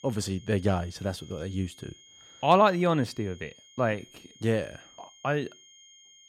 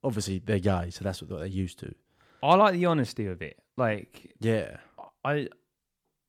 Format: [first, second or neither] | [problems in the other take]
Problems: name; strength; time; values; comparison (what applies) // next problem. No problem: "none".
second | high-pitched whine; faint; throughout; 3 kHz, 25 dB below the speech